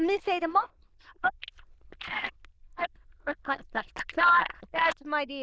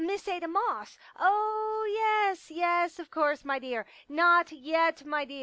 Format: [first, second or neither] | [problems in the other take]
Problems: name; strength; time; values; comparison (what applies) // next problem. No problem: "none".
second | noise reduction (neural diffusion model UNIVERSE++)